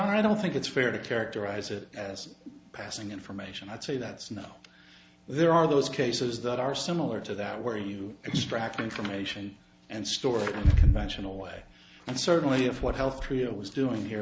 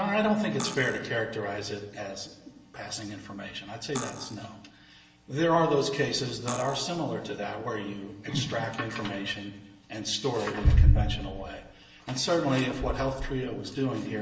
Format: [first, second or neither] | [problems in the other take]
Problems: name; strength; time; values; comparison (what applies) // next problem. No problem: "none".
first | background sound (Cutlery, silverware); 11 dB below the speech // room echo; dies away in 1 s